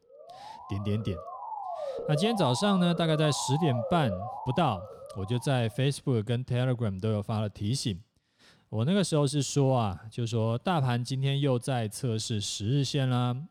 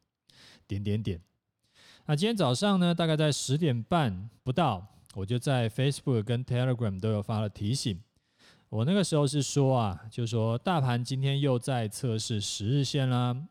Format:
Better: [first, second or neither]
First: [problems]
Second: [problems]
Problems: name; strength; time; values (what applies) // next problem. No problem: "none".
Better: second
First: siren; noticeable; until 5.5 s; peak 5 dB below the speech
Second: none